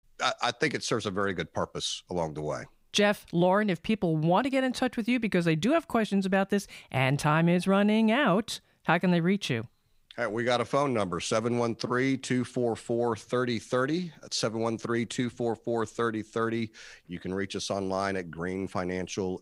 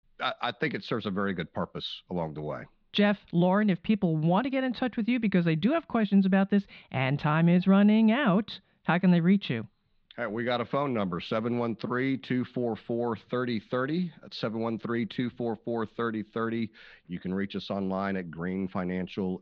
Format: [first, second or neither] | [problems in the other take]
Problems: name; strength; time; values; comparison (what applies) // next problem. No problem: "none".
first | muffled; slightly; fading above 4 kHz